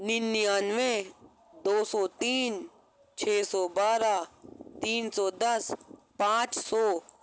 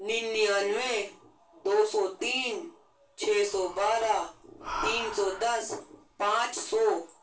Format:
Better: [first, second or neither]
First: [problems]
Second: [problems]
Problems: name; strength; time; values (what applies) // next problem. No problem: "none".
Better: first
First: none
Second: background sound (Breathing); 12 dB below the speech // room echo; dies away in 0.2 s